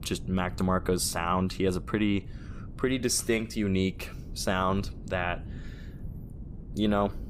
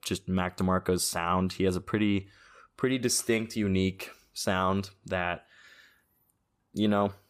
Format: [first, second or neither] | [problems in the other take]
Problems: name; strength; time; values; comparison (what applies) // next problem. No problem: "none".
second | wind noise on the microphone; occasional gusts; 25 dB below the speech